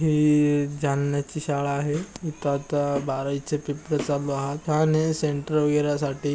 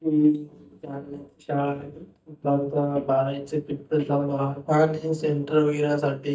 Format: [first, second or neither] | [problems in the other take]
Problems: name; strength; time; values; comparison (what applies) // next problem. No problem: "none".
first | noise reduction (neural mask model DeepFilterNet 3)